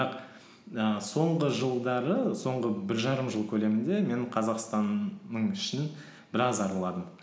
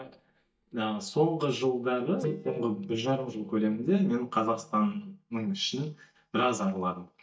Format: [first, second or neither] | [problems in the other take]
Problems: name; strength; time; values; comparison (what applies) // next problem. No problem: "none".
first | noise reduction (neural mask model DeepFilterNet 3)